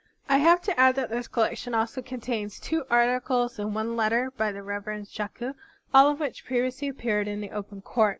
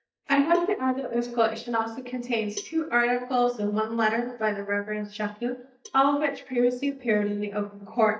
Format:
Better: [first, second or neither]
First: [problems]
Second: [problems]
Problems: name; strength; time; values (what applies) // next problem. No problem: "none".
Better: first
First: none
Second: noise reduction (neural mask model DeepFilterNet 3)